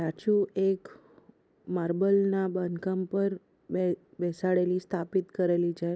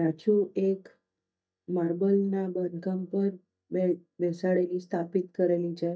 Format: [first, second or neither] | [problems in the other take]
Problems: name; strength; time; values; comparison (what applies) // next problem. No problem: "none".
first | noise reduction (neural mask model DeepFilterNet 3)